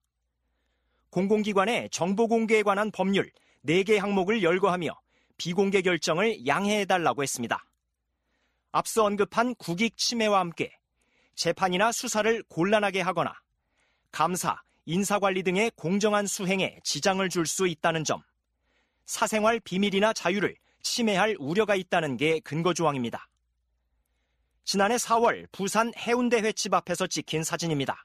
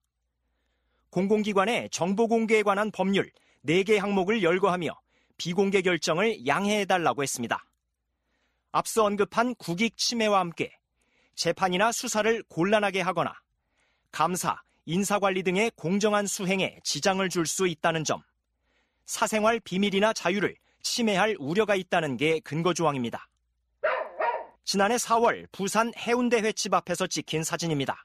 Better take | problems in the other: first | dog barking; noticeable; at 24 s; peak 3 dB below the speech

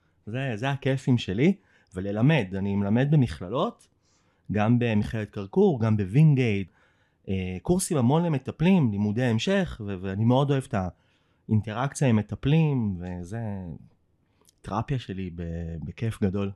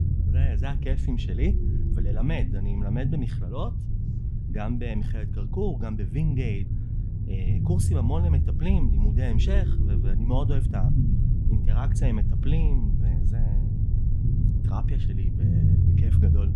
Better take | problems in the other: first | low rumble; loud; throughout; 2 dB below the speech

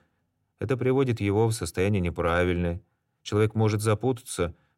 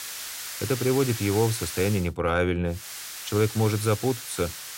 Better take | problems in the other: first | hiss; loud; until 2 s and from 3 s on; 8 dB below the speech

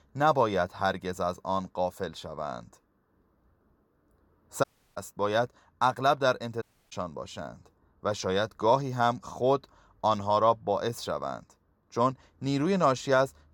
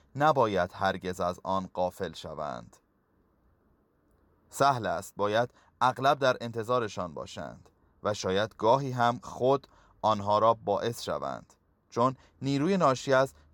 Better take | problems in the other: second | audio cutting out; at 4.5 s and at 6.5 s

